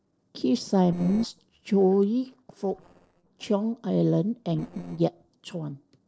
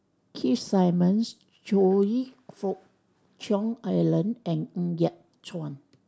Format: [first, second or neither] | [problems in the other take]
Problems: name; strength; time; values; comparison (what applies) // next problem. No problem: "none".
second | noise reduction (neural separator model SepFormer DNS4)